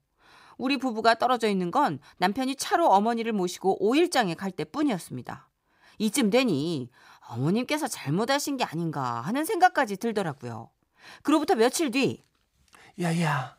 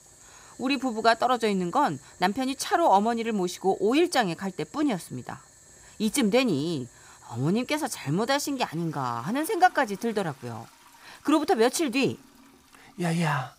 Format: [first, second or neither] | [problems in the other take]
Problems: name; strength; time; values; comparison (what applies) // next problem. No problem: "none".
first | household noises; faint; throughout; 25 dB below the speech